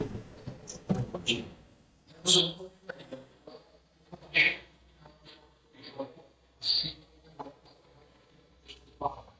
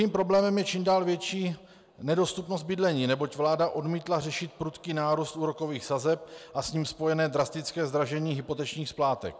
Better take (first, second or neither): second